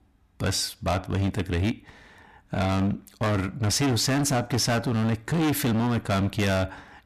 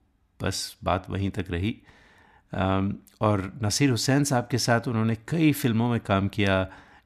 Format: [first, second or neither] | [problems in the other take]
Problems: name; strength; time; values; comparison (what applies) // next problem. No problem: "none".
second | distortion; heavy; 22% of the sound clipped